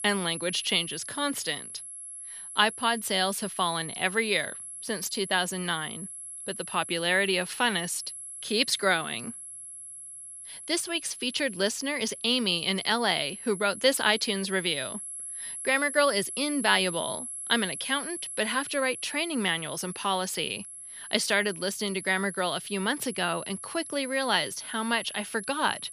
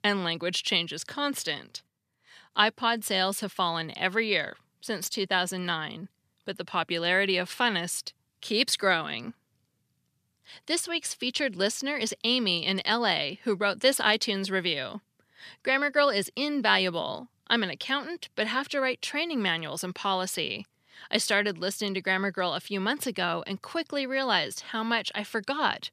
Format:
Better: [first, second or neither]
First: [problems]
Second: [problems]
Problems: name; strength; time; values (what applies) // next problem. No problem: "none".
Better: second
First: high-pitched whine; loud; throughout; 11 kHz, 10 dB below the speech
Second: none